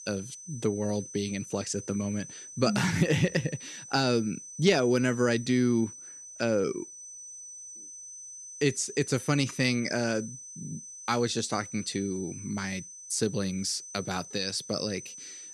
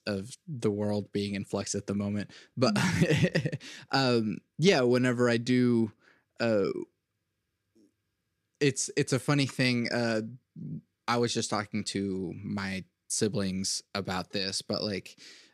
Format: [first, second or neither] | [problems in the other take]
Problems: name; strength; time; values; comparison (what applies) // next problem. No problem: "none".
second | high-pitched whine; noticeable; throughout; 6 kHz, 15 dB below the speech